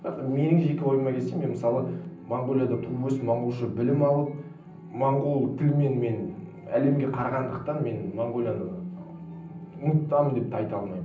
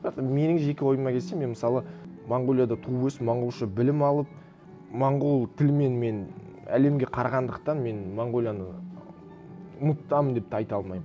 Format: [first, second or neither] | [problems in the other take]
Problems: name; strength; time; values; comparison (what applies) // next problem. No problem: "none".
second | room echo; dies away in 0.6 s